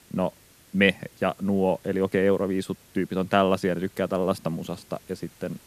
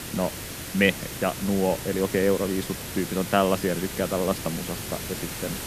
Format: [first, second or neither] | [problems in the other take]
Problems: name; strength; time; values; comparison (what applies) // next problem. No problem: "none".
first | hiss; loud; throughout; 7 dB below the speech; faint in the first